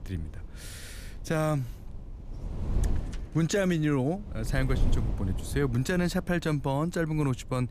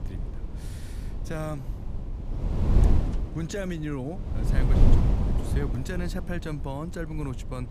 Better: first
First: wind noise on the microphone; occasional gusts; 15 dB below the speech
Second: wind noise on the microphone; heavy; 3 dB below the speech

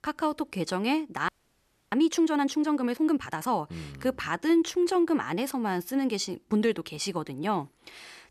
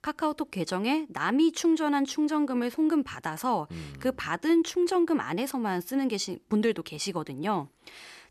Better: second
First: audio freezing; at 1.5 s for 0.5 s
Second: none

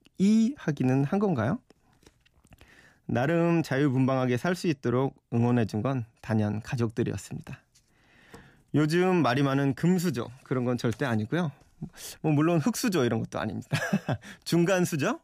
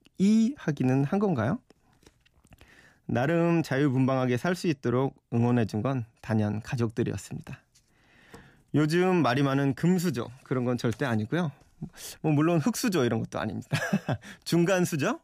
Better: neither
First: none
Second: none

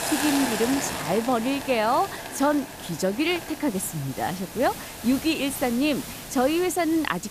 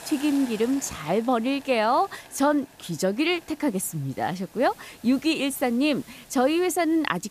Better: second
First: hiss; loud; throughout; 8 dB below the speech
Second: hiss; faint; throughout; 20 dB below the speech

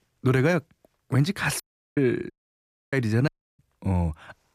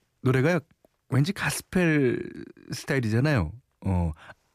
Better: second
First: audio cutting out; at 1.5 s, at 2.5 s for 0.5 s and at 3.5 s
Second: none

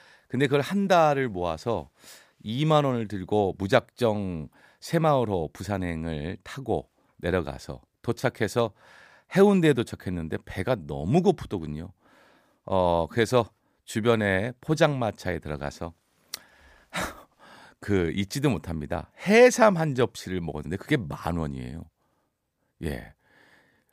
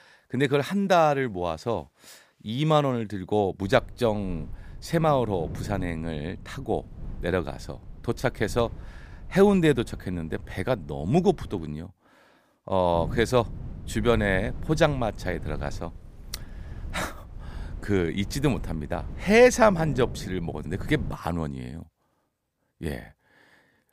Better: first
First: none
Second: wind noise on the microphone; occasional gusts; from 3.5 to 12 s and from 13 to 21 s; 25 dB below the speech

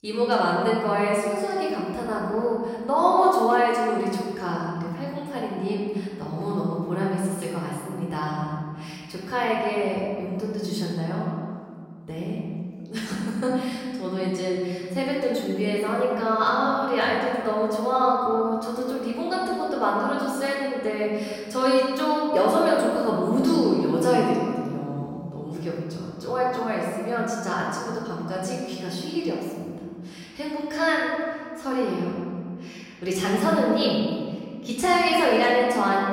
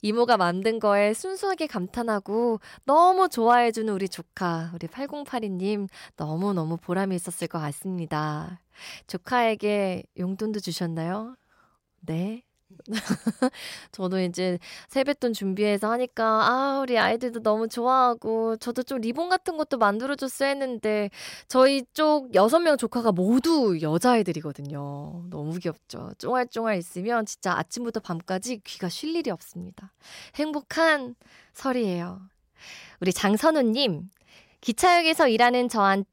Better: second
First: off-mic speech; far // room echo; noticeable; dies away in 1.8 s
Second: none

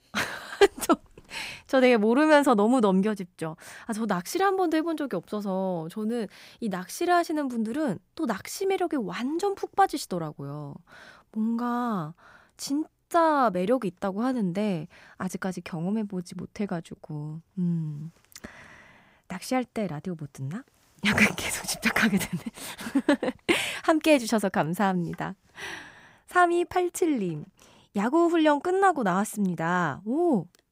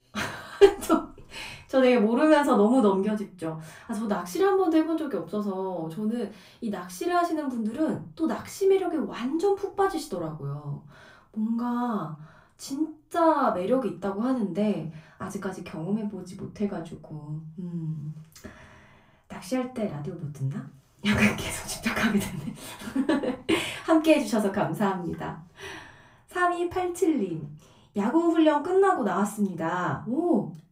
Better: first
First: none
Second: off-mic speech; far // room echo; very slight; dies away in 0.3 s

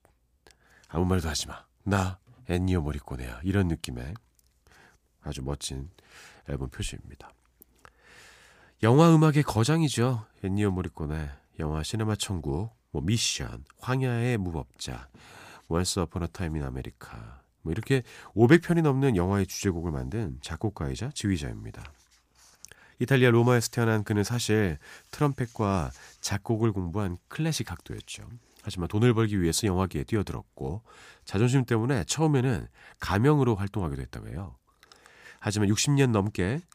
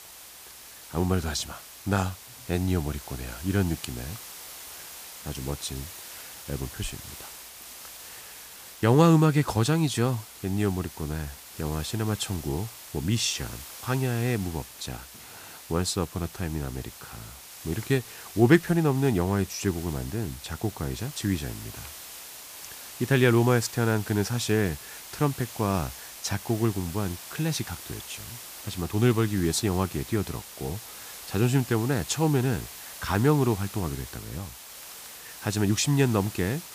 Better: first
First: none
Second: hiss; noticeable; throughout; 15 dB below the speech

